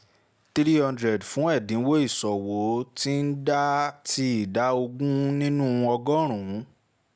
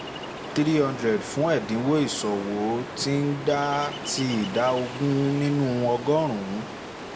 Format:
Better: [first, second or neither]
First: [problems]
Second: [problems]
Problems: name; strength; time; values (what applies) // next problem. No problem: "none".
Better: first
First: none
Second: background sound (Ocean); 11 dB below the speech // room echo; dies away in 0.7 s